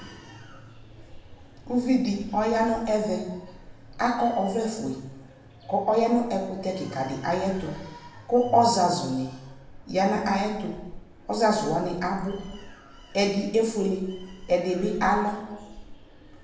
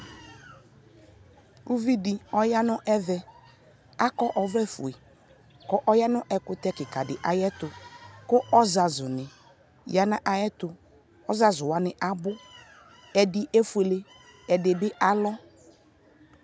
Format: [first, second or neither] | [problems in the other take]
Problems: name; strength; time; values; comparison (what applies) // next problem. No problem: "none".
second | background sound (Train); 19 dB below the speech // room echo; dies away in 0.8 s